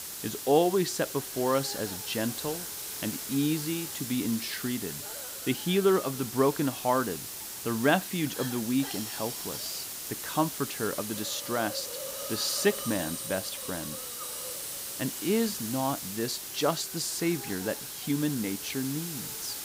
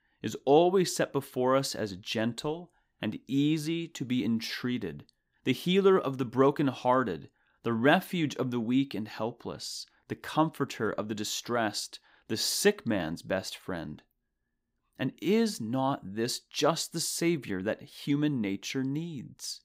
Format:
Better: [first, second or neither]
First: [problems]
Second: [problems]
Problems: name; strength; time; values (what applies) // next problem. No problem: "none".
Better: second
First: hiss; loud; throughout; 5 dB below the speech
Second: none